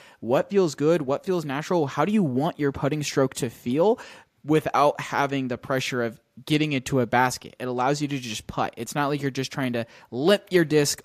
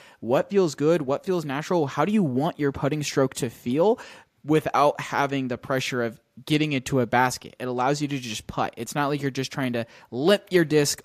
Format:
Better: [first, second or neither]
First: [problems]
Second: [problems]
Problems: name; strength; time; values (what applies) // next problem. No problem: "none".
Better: neither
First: none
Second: none